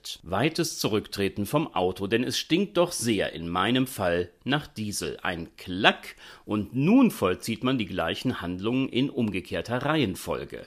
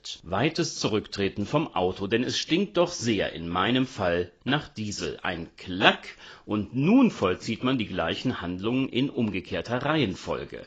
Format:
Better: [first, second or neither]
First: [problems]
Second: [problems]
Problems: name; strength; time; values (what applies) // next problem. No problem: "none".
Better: first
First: none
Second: garbled, watery; badly; nothing above 7.5 kHz